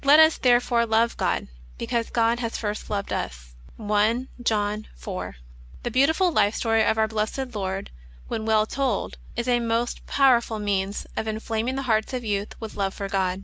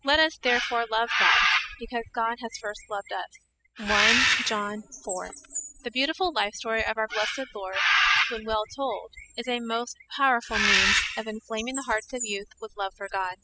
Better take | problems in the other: first | noise reduction (classical method spectral subtraction)

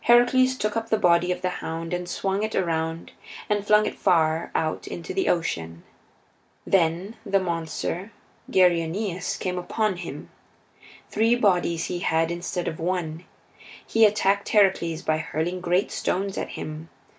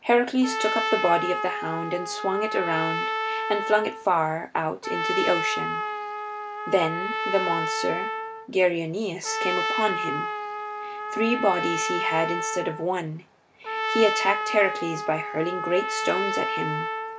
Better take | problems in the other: first | background sound (Trumpet); 3 dB below the speech

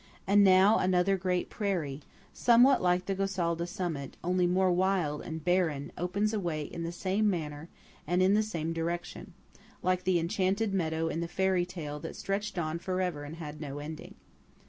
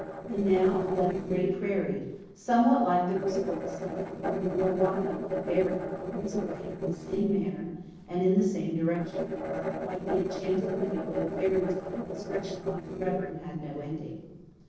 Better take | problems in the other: first | noise reduction (neural separator model SepFormer DNS4)

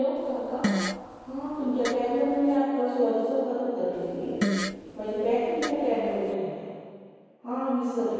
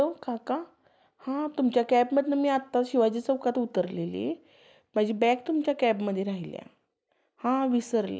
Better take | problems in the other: second | background sound (Fart); 6 dB below the speech // room echo; dies away in 2.2 s

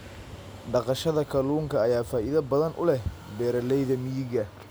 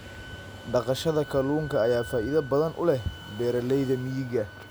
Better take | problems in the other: first | background sound (Wind instrument, woodwind instrument); 19 dB below the speech

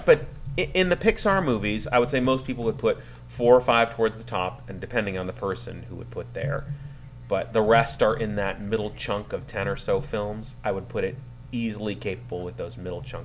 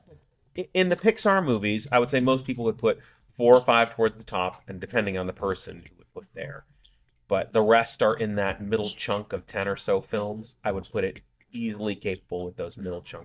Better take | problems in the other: first | noise reduction (neural mask model DeepFilterNet 3)

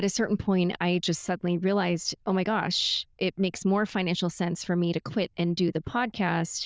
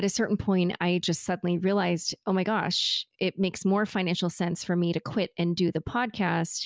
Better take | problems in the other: second | noise reduction (neural diffusion model UNIVERSE++)

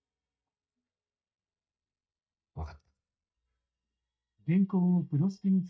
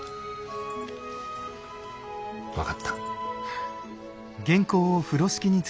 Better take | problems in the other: second | noise reduction (neural mask model DeepFilterNet 3)

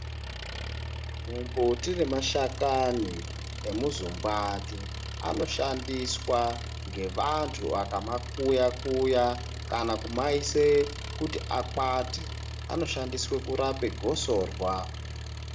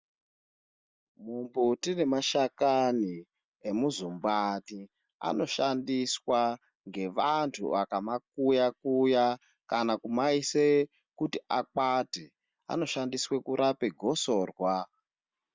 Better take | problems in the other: second | background sound (Engine); 7 dB below the speech // room echo; dies away in 0.5 s

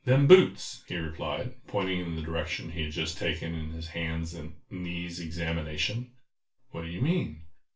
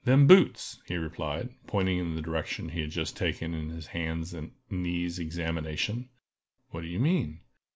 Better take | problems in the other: second | room echo; dies away in 0.3 s

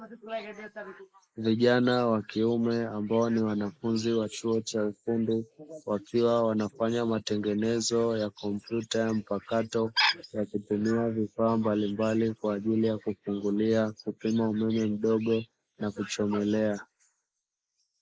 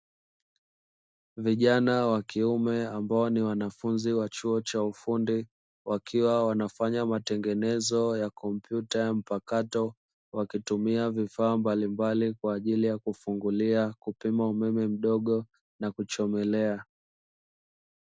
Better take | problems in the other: second | noise reduction (neural mask model Resemble Enhance denoiser)

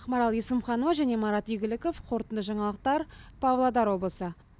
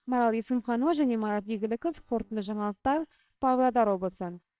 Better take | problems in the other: first | noise reduction (neural separator model SepFormer WHAMR!)

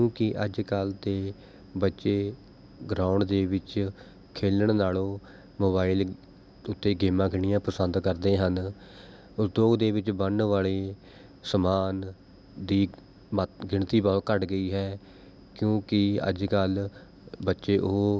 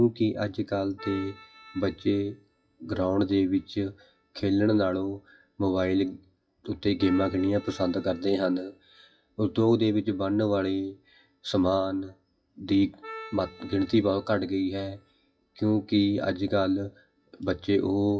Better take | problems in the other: first | noise reduction (classical method WPE with log-MMSE)

